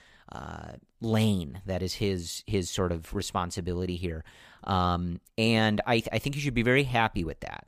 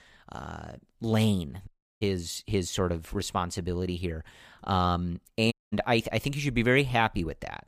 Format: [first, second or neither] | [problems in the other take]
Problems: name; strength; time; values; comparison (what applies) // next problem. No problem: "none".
first | audio cutting out; at 1.5 s and at 5.5 s